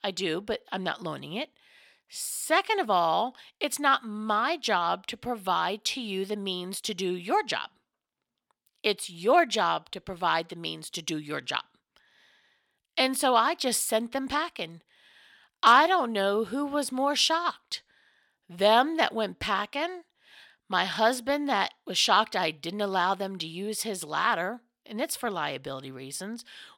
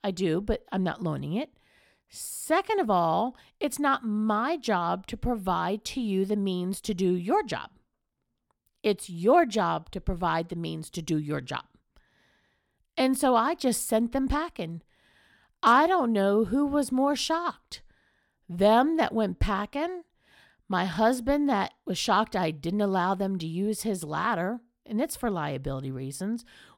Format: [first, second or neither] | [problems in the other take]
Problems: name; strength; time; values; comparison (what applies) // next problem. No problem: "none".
second | thin; somewhat; fading below 1 kHz